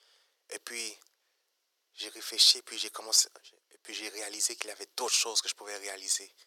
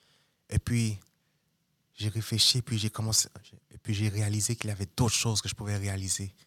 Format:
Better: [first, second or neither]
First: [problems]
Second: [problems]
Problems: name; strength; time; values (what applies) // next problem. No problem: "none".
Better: second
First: thin; very; fading below 400 Hz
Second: none